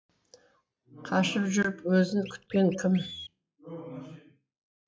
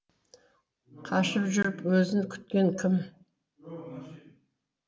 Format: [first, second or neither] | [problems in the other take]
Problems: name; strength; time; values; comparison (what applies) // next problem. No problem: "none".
second | noise reduction (classical method log-MMSE)